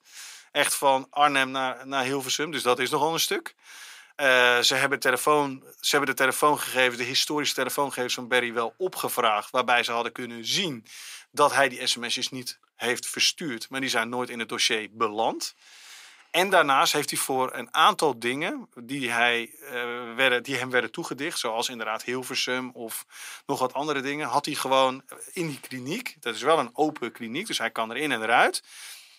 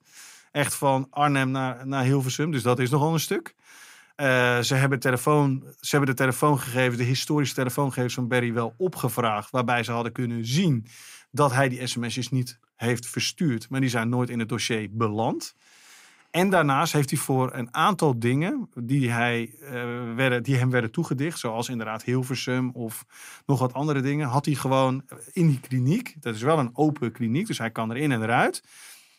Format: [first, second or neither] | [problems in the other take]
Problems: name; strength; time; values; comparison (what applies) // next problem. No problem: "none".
second | thin; somewhat; fading below 450 Hz